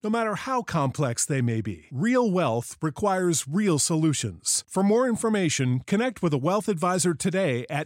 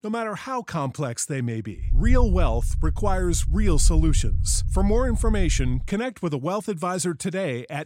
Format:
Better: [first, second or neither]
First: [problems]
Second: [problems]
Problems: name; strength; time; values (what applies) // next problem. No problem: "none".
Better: first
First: none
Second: low rumble; noticeable; from 2 to 6 s; 15 dB below the speech